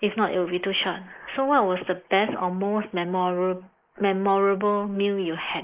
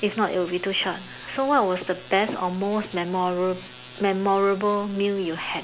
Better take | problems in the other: second | noise reduction (neural mask model Resemble Enhance denoiser)

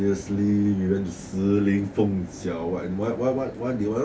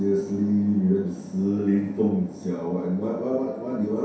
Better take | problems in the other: first | room echo; dies away in 0.7 s

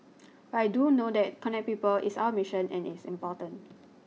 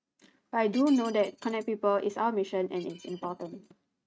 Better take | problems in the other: first | noise reduction (neural mask model RNNoise)

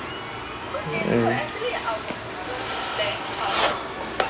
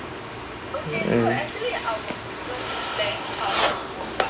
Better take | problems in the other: second | background sound (Crowd); 12 dB below the speech

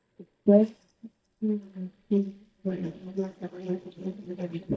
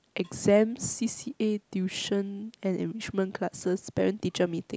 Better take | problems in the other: second | noise reduction (neural mask model DeepFilterNet 3)

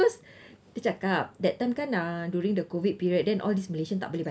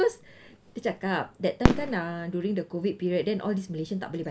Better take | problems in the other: first | background sound (Fireworks); 4 dB below the speech

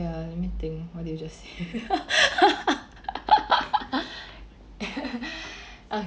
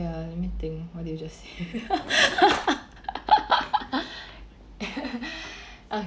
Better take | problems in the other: first | background sound (Cutlery, silverware / Drawer open or close); 7 dB below the speech

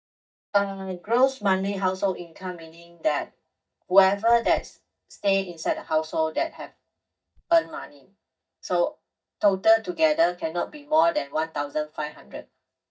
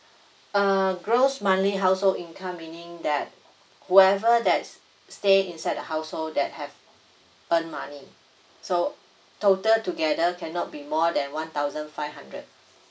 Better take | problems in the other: second | noise reduction (neural mask model DeepFilterNet 3)

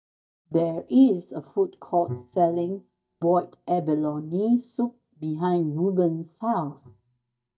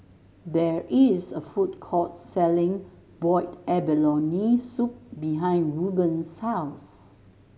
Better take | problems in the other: second | noise reduction (neural mask model DeepFilterNet 3)

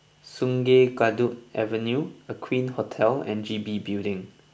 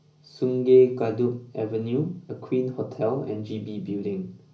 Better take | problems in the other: first | room echo; dies away in 0.5 s

